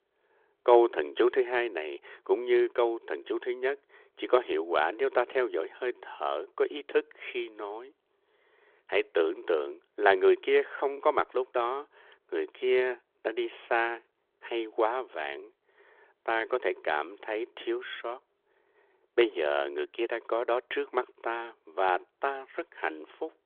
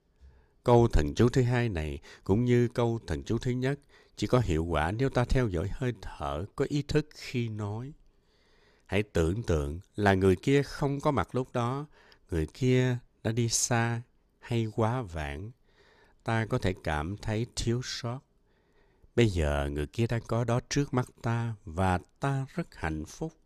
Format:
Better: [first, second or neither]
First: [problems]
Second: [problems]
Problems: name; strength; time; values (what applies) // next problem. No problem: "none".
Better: second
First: phone-call audio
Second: none